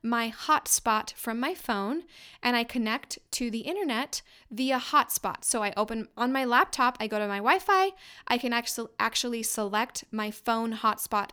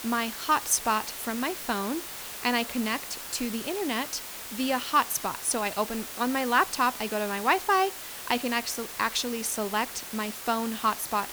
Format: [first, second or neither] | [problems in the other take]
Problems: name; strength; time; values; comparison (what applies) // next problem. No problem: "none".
first | hiss; loud; throughout; 8 dB below the speech